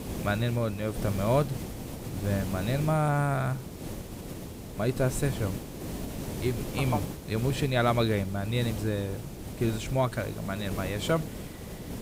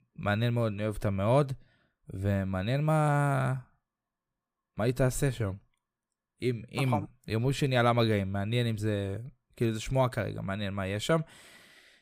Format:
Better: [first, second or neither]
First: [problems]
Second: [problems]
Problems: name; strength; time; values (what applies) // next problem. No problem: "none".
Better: second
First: hiss; loud; throughout; 8 dB below the speech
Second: none